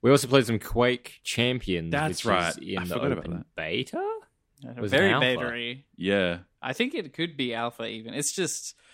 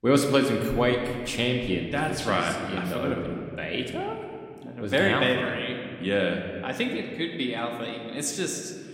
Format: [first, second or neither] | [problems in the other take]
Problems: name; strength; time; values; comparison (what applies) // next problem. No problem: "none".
first | room echo; slight; dies away in 1.8 s